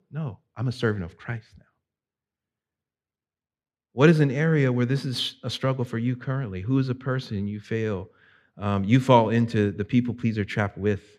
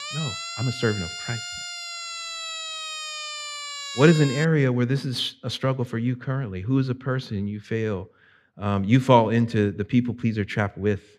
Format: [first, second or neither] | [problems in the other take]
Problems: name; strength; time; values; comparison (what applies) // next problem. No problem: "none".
first | siren; noticeable; until 4.5 s; peak 7 dB below the speech